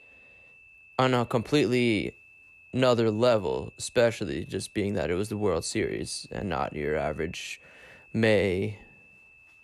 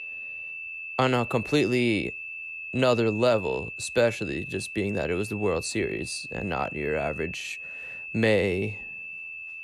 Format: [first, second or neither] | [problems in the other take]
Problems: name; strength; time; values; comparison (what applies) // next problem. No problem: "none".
first | high-pitched whine; loud; throughout; 2.5 kHz, 8 dB below the speech; faint in the first